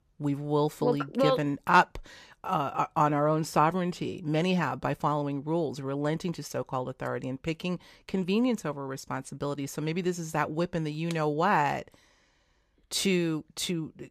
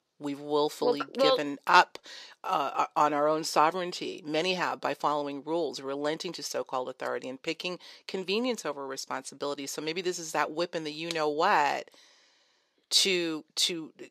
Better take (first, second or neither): first